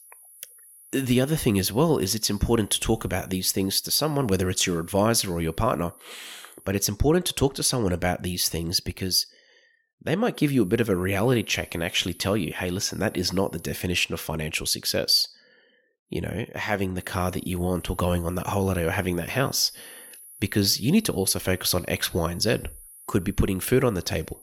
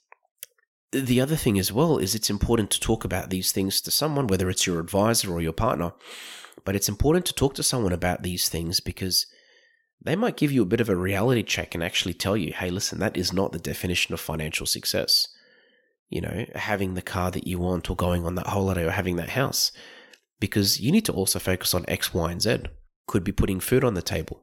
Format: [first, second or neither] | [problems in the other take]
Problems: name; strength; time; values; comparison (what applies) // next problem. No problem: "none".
second | high-pitched whine; faint; until 6.5 s, from 10 to 14 s and from 17 s on; 11 kHz, 20 dB below the speech